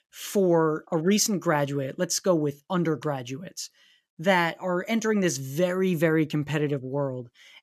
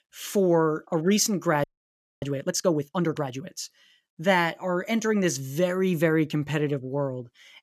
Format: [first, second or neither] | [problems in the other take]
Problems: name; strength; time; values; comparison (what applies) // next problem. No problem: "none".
first | audio freezing; at 1.5 s for 0.5 s